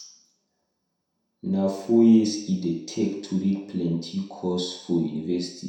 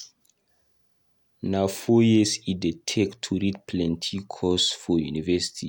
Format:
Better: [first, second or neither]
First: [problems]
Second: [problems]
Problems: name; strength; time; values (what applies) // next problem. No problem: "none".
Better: second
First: room echo; dies away in 0.7 s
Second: none